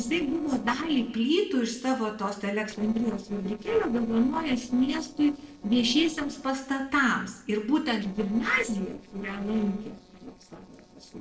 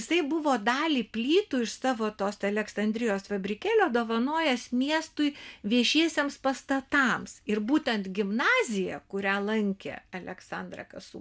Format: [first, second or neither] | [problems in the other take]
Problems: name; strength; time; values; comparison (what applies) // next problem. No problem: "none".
second | noise reduction (neural separator model SepFormer DNS4)